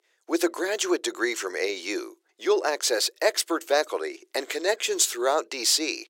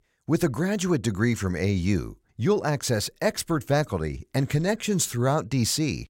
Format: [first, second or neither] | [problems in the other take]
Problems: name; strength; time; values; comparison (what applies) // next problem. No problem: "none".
second | thin; very; fading below 350 Hz